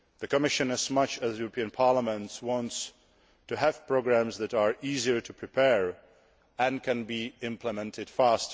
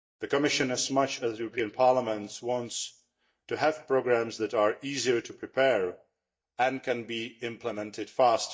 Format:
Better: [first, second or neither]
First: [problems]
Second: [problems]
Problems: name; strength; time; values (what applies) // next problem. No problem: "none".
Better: first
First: none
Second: noise reduction (neural mask model DeepFilterNet 3)